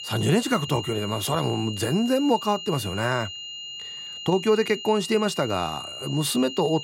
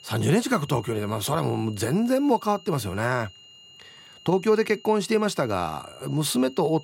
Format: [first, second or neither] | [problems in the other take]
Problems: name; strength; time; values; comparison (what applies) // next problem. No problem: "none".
second | high-pitched whine; loud; throughout; 3 kHz, 9 dB below the speech; faint in the second